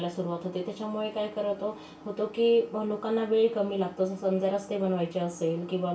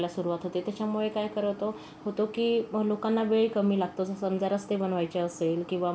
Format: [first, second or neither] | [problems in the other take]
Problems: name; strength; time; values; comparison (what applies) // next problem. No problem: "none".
second | room echo; dies away in 0.2 s